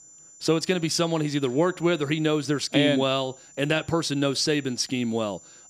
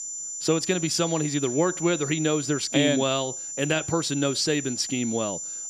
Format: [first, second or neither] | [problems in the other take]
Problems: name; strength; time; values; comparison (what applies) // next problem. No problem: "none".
first | high-pitched whine; loud; throughout; 7 kHz, 6 dB below the speech; faint in the first